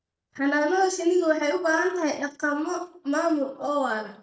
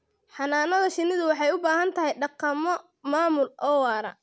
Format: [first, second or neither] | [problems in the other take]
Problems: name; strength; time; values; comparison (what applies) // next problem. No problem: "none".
second | noise reduction (neural mask model DeepFilterNet 3)